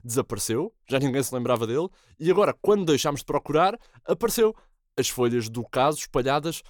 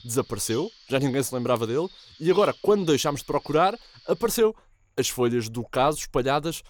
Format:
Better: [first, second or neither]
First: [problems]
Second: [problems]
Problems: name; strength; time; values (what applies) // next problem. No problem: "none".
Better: first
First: none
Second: animal sounds; faint; throughout; 20 dB below the speech